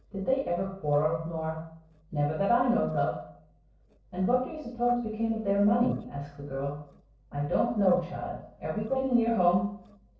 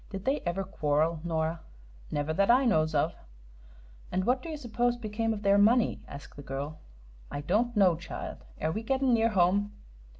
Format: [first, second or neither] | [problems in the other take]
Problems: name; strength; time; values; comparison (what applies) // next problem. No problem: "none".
second | noise reduction (neural separator model SepFormer DNS4)